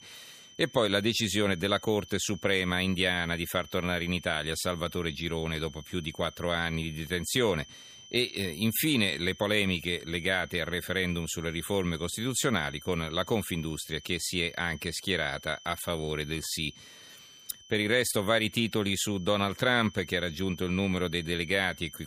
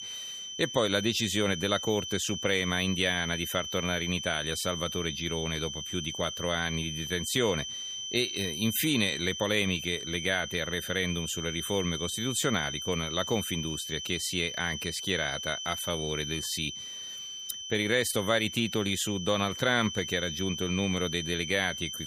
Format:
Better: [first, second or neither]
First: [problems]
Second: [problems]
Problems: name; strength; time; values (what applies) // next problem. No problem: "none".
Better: first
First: high-pitched whine; faint; throughout; 3 kHz, 20 dB below the speech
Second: high-pitched whine; loud; throughout; 3 kHz, 6 dB below the speech